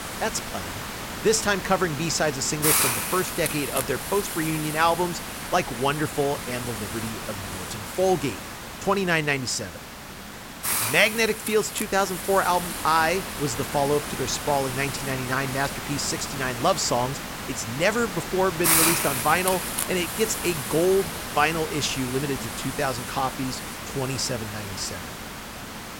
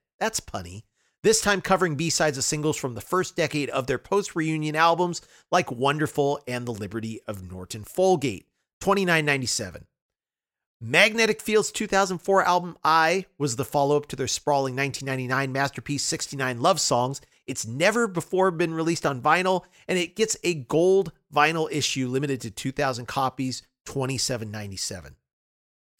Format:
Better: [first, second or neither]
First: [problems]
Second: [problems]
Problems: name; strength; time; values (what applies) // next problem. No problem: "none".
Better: second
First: hiss; loud; throughout; 4 dB below the speech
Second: none